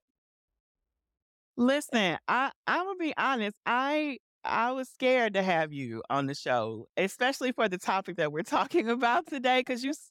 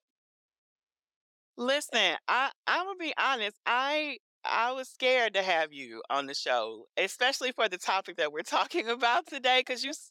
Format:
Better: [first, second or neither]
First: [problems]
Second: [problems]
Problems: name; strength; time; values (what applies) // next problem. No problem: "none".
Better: first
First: none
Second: thin; somewhat; fading below 450 Hz